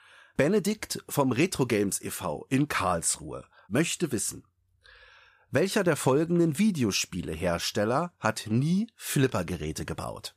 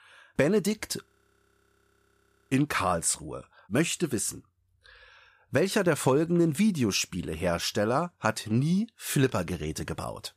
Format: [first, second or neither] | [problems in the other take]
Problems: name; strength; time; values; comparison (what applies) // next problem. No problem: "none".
first | audio freezing; at 1 s for 1.5 s